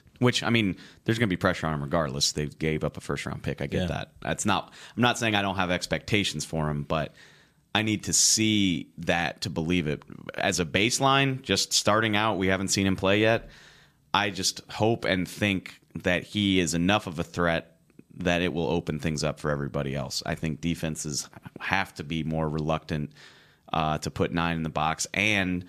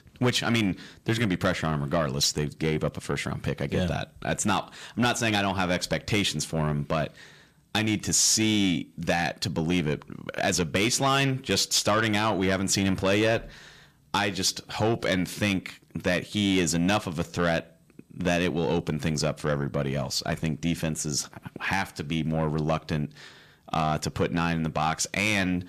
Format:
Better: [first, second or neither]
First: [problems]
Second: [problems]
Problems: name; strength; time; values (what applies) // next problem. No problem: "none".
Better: first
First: none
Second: distortion; slight; 10 dB below the speech